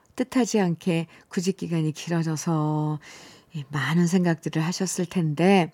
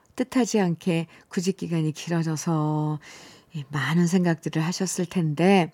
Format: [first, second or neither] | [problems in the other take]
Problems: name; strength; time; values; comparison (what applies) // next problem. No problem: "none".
neither | none